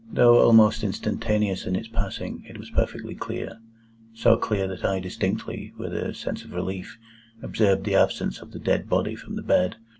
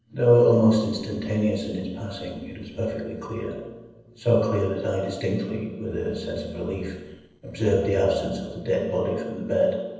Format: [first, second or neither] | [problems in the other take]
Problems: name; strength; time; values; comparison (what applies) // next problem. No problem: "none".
first | noise reduction (neural separator model SepFormer DNS4)